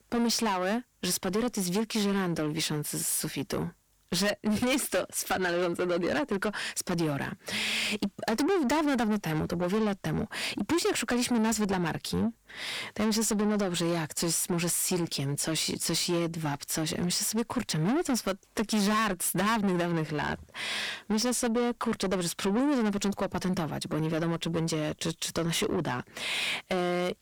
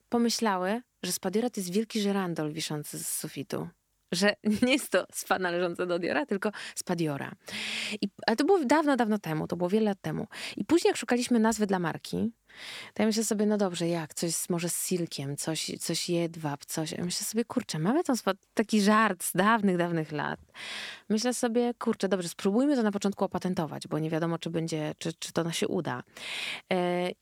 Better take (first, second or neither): second